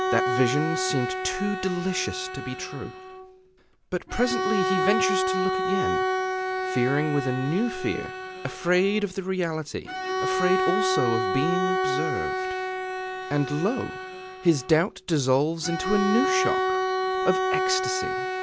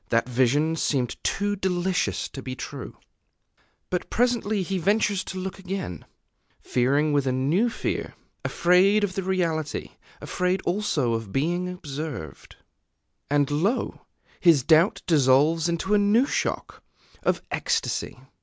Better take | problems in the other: second | background sound (Bowed string instrument); as loud as the speech

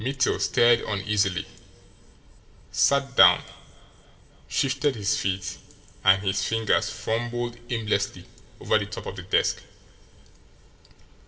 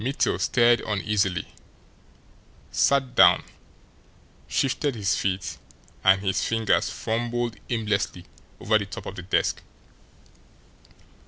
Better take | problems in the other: second | room echo; dies away in 2.8 s

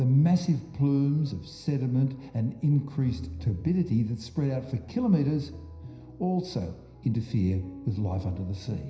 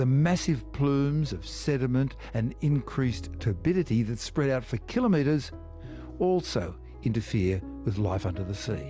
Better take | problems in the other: second | room echo; dies away in 0.9 s

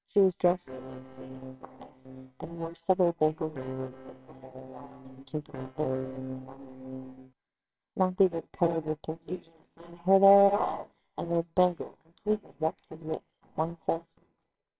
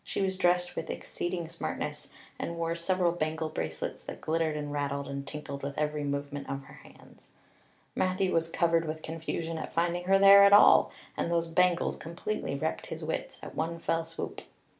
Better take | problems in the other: second | noise reduction (neural separator model SepFormer WHAMR!)

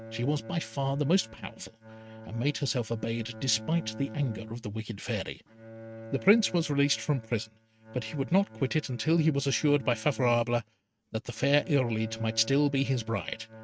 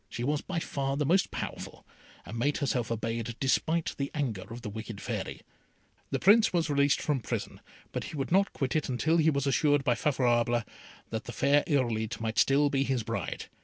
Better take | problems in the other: second | noise reduction (neural mask model RNNoise)

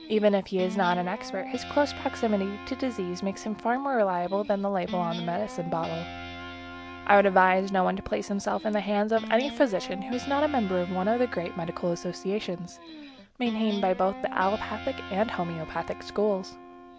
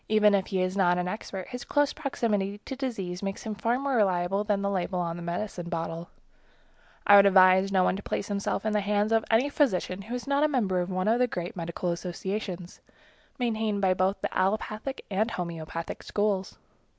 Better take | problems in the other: second | background sound (Guitar); 13 dB below the speech

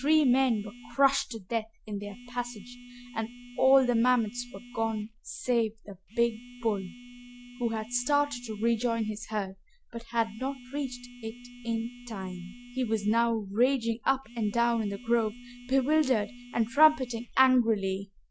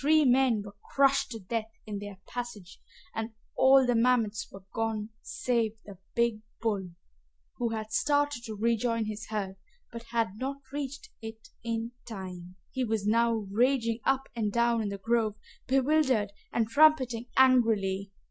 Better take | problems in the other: second | background sound (Telephone); 19 dB below the speech

